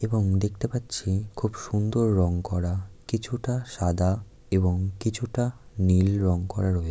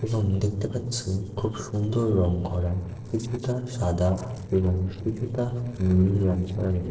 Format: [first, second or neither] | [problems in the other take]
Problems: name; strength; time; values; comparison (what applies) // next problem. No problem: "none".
first | noise reduction (neural separator model SepFormer DNS4)